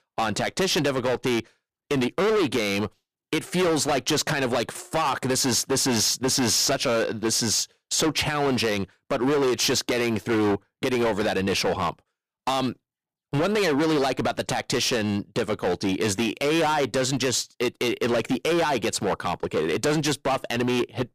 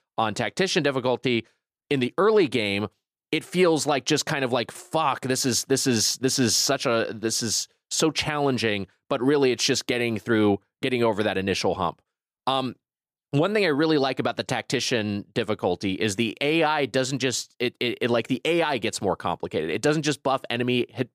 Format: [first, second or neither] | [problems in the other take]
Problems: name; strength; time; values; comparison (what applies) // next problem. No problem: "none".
second | distortion; heavy; 19% of the sound clipped